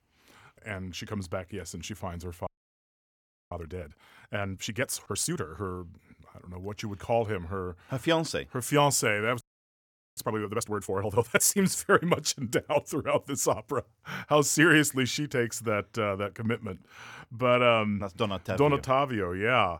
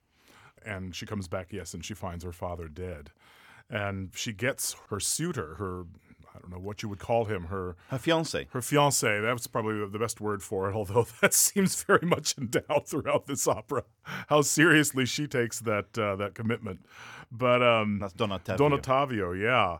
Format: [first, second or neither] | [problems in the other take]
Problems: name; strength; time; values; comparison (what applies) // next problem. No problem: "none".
second | audio freezing; at 2.5 s for 1 s and at 9.5 s for 1 s